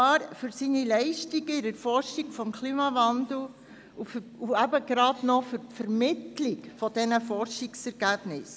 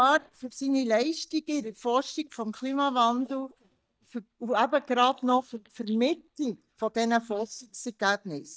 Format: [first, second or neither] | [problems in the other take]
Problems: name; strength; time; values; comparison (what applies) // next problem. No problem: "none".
first | noise reduction (neural mask model DeepFilterNet 3)